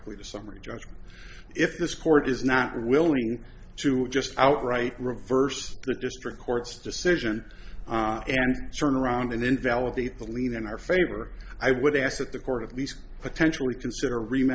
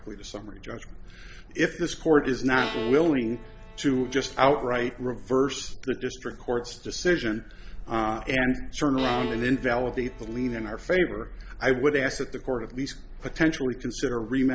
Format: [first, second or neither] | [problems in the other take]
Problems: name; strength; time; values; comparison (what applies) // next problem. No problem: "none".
first | background sound (Bowed string instrument); 13 dB below the speech